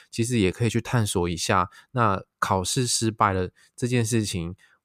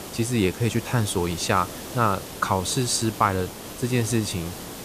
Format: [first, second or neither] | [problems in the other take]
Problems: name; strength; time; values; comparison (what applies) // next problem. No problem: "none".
first | hiss; noticeable; throughout; 10 dB below the speech